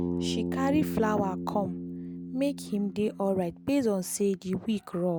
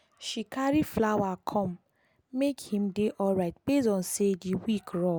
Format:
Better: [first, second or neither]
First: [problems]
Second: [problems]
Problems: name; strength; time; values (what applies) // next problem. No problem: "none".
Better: second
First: background sound (Bass guitar); 6 dB below the speech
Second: none